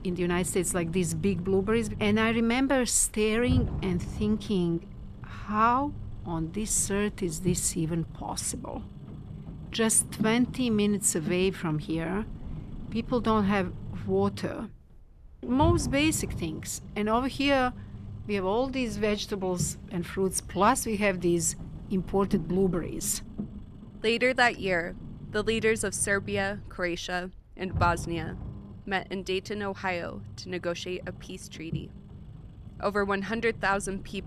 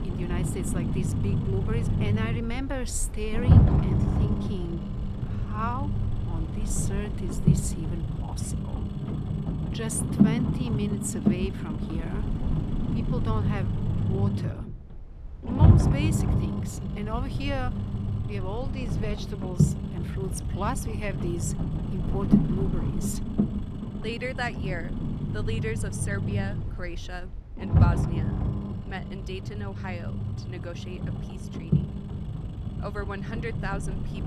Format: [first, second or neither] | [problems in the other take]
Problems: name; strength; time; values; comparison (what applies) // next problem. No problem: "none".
first | low rumble; loud; throughout; 1 dB below the speech; faint in the first